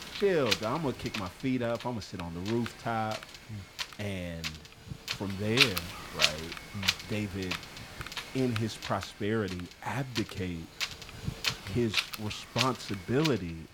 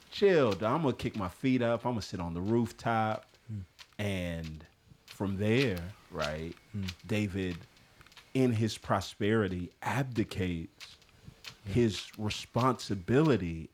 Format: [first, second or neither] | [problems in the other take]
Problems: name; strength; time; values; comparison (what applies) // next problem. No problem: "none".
second | wind noise on the microphone; heavy; 2 dB above the speech; occasional gusts in the second